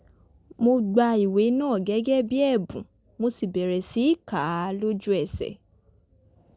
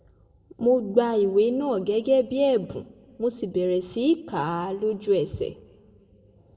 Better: first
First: none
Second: room echo; dies away in 1.2 s

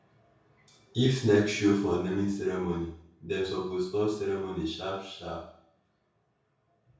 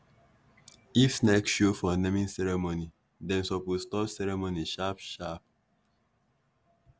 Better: second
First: room echo; dies away in 0.6 s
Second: none

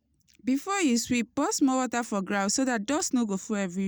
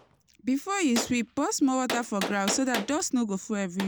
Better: first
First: none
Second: background sound (Gunshot, gunfire); 10 dB below the speech

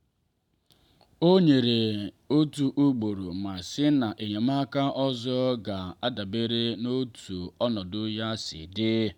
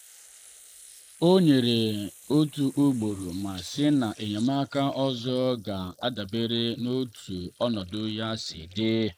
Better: first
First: none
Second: noise reduction (neural mask model Resemble Enhance denoiser)

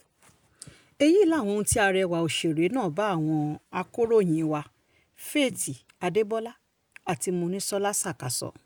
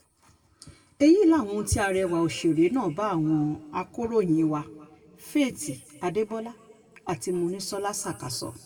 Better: first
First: none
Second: room echo; dies away in 1.6 s

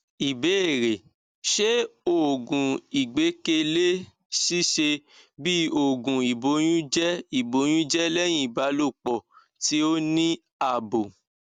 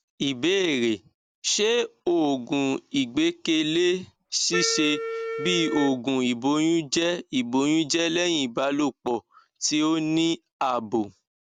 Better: first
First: none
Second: background sound (Wind instrument, woodwind instrument); 7 dB below the speech

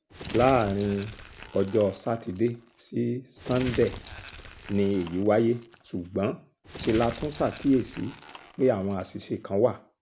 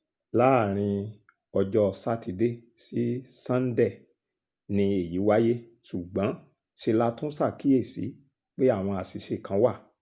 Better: second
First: background sound (Crumpling, crinkling); 15 dB below the speech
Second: none

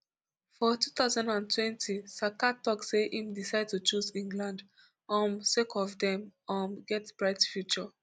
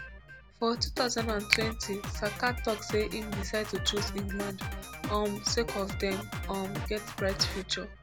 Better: first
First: none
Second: background sound (Finger snapping + Drum kit); 4 dB below the speech

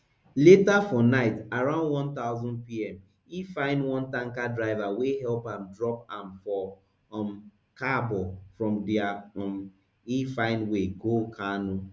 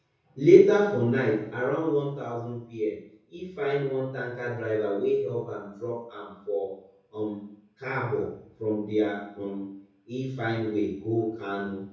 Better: first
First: none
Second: room echo; dies away in 0.6 s

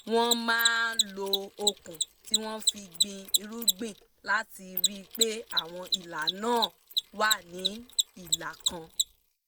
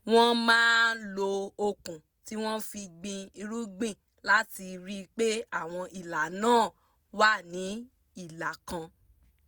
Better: second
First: noise reduction (neural mask model Resemble Enhance denoiser)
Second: none

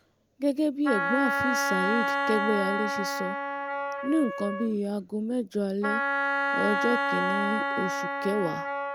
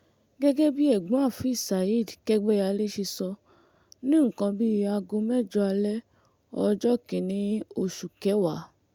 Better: second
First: background sound (Wind instrument, woodwind instrument); as loud as the speech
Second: none

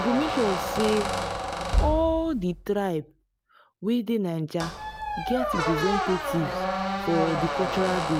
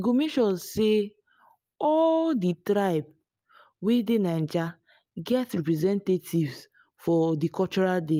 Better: second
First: background sound (Squeak); 2 dB below the speech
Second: none

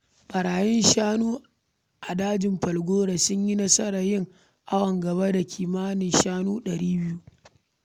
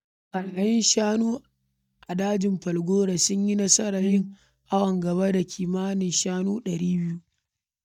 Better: first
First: none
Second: noise reduction (neural mask model DeepFilterNet 3)

